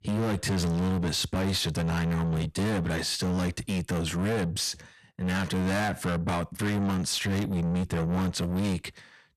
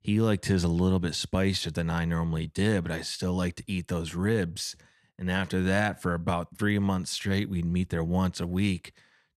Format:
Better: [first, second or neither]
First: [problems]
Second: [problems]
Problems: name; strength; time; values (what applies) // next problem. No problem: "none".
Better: second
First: distortion; heavy; 6 dB below the speech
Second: none